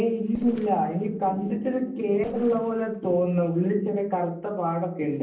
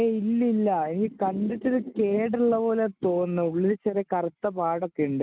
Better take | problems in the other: second | noise reduction (neural separator model SepFormer DNS4)

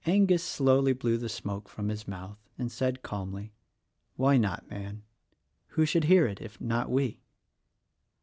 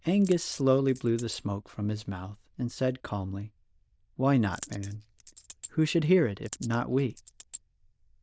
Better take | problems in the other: first | noise reduction (neural diffusion model UNIVERSE++)

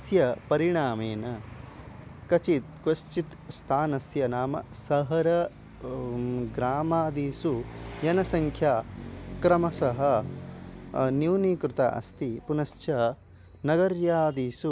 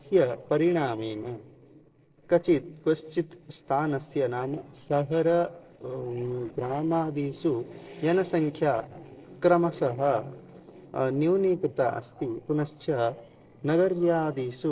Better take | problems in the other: first | noise reduction (neural separator model SepFormer DNS4)

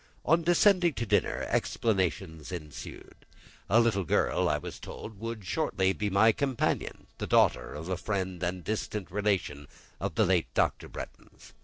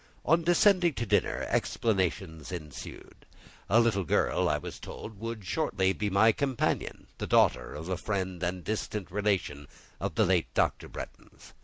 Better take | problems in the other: second | noise reduction (neural separator model SepFormer DNS4)

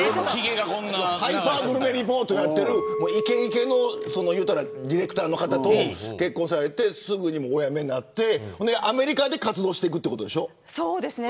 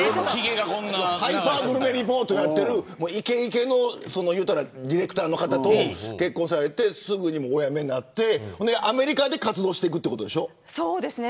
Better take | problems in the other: second | background sound (Chink, clink); 11 dB below the speech

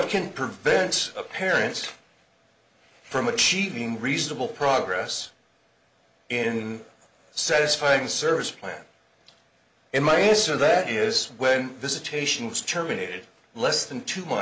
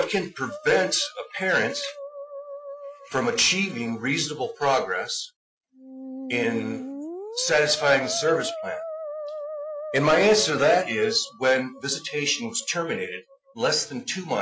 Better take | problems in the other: first | noise reduction (classical method Wiener filter)

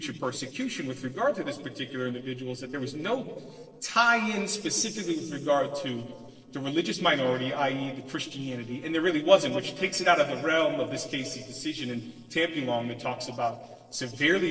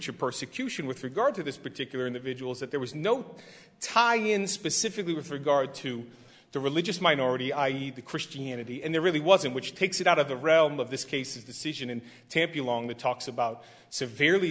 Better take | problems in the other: second | noise reduction (neural separator model SepFormer DNS4)

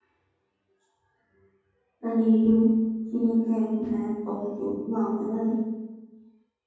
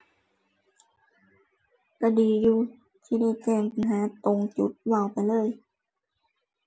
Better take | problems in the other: second | room echo; dies away in 1.3 s

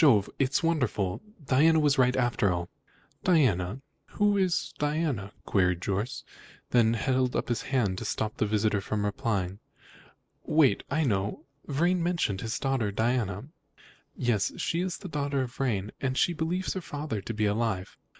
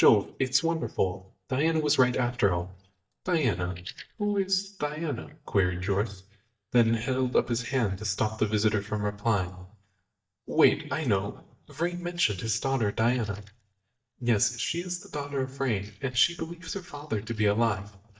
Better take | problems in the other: first | noise reduction (neural mask model DeepFilterNet 3)

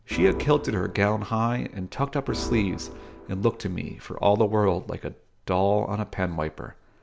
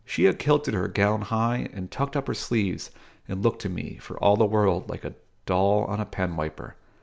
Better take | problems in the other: second | background sound (Organ); 11 dB below the speech

